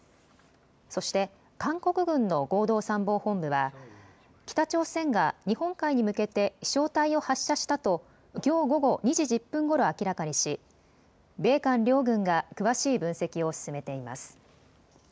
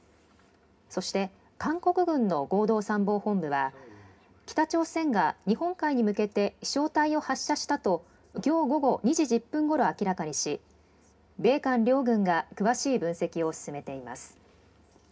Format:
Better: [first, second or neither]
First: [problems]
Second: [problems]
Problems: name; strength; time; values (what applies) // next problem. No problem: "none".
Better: first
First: none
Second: room echo; dies away in 0.3 s